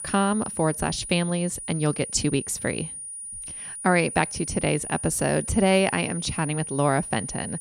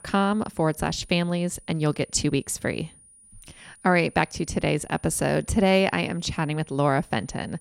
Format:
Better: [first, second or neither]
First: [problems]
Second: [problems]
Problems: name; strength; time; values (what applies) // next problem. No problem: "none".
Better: second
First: high-pitched whine; loud; throughout; 9.5 kHz, 8 dB below the speech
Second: high-pitched whine; faint; throughout; 9.5 kHz, 25 dB below the speech